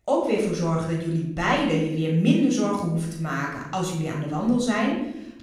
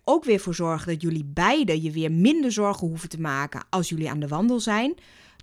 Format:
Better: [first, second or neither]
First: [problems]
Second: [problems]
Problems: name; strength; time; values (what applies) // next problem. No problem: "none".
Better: second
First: off-mic speech; far // room echo; noticeable; dies away in 0.7 s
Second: none